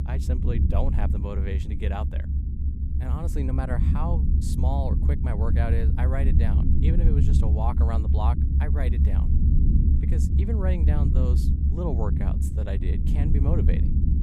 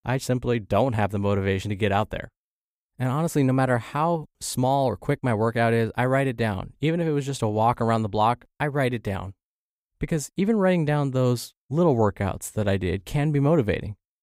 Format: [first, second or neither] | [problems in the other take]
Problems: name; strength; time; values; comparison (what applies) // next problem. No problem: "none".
second | low rumble; loud; throughout; 2 dB below the speech